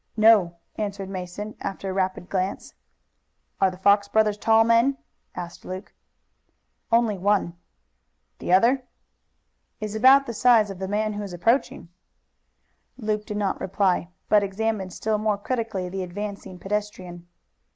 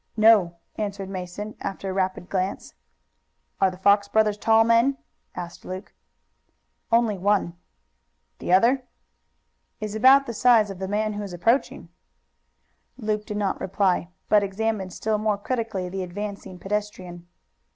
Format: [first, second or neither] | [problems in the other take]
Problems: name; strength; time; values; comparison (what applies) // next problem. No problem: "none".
second | noise reduction (neural mask model Resemble Enhance denoiser)